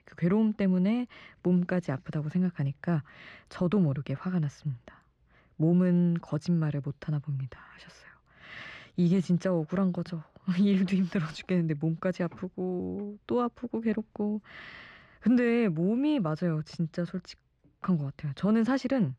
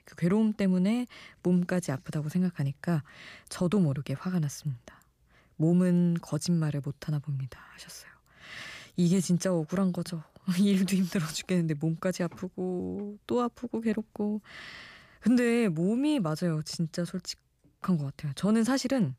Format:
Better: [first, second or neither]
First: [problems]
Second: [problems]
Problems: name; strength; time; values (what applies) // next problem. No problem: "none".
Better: second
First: muffled; slightly; fading above 3 kHz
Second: none